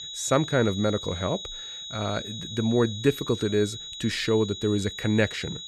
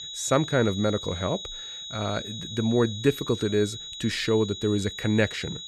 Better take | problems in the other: neither | high-pitched whine; loud; throughout; 4 kHz, 9 dB below the speech; the same in both

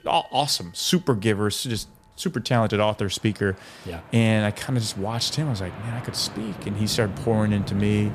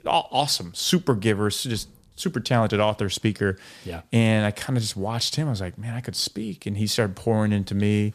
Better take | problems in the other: second | train or aircraft noise; noticeable; throughout; 15 dB below the speech

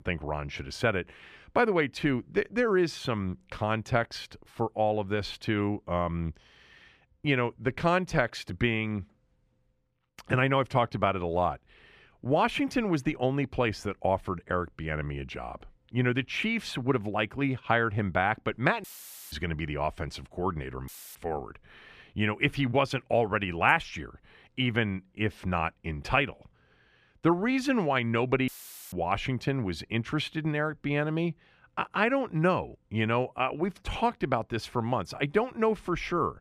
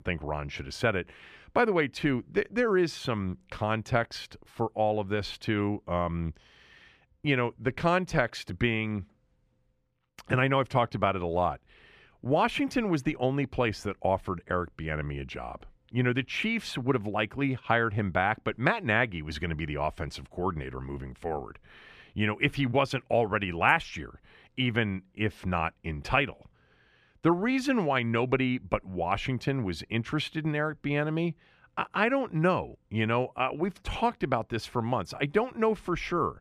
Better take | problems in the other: second | audio cutting out; filled with static; at 19 s, at 21 s and at 28 s

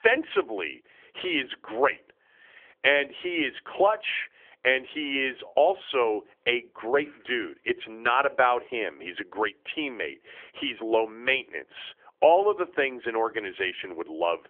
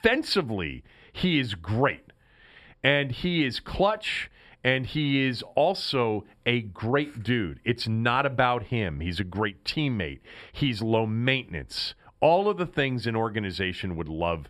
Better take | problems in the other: second | phone-call audio; nothing above 3.5 kHz

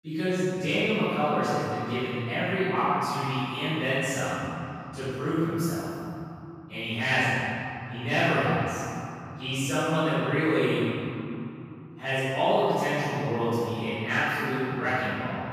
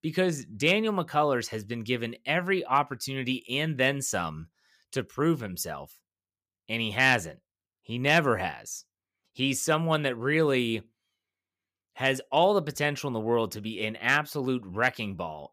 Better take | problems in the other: second | room echo; strong; dies away in 3 s // off-mic speech; far

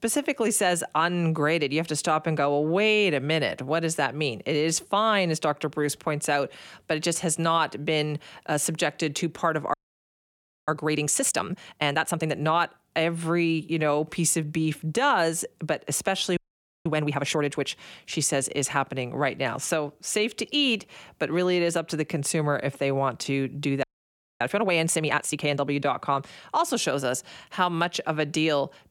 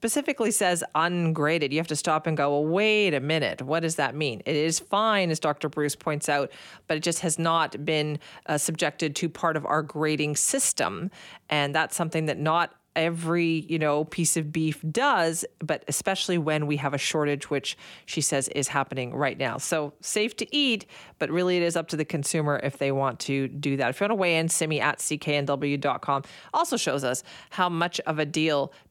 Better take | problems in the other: second | audio freezing; at 9.5 s for 1 s, at 16 s and at 24 s for 0.5 s

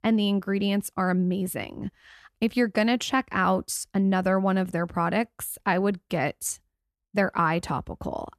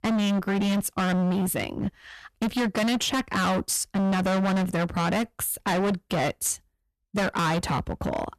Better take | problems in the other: first | distortion; heavy; 28% of the sound clipped

